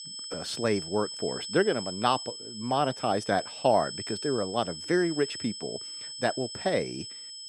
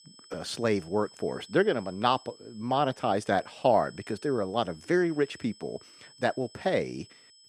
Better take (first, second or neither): second